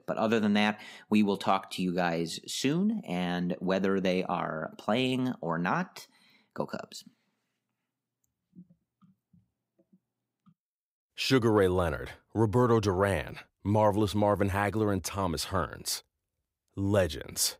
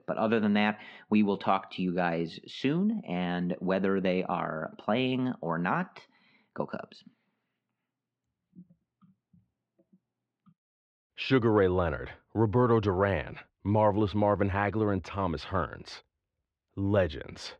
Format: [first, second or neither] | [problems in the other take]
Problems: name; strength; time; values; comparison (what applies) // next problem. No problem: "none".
first | muffled; slightly; fading above 3 kHz